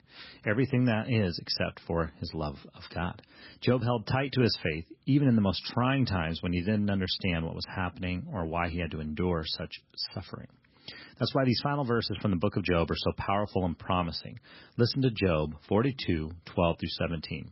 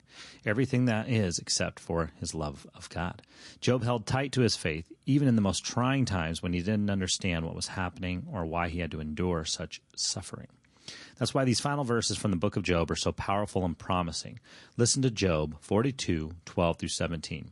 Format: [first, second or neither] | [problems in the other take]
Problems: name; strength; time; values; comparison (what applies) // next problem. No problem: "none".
second | garbled, watery; badly; nothing above 5.5 kHz; slightly in the second